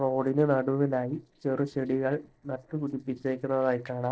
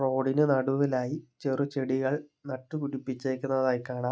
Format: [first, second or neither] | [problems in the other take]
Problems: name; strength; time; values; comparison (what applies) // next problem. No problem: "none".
second | noise reduction (neural separator model SepFormer DNS4)